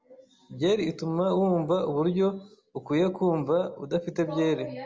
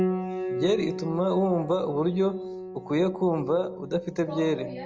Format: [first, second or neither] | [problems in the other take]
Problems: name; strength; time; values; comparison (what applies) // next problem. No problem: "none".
first | background sound (Piano); 7 dB below the speech